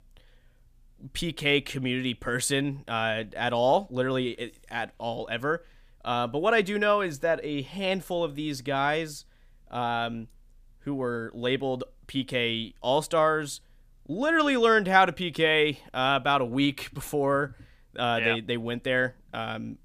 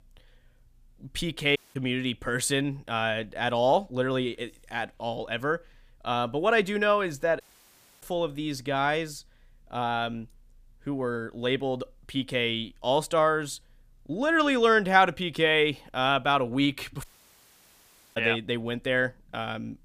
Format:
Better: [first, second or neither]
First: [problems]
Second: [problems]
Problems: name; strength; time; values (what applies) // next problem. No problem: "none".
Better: first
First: none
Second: audio cutting out; at 1.5 s, at 7.5 s for 0.5 s and at 17 s for 1 s